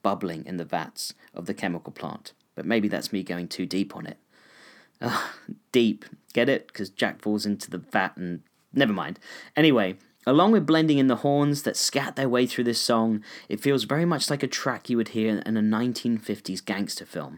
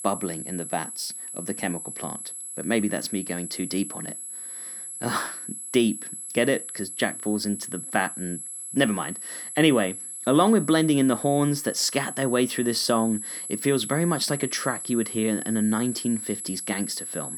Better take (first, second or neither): first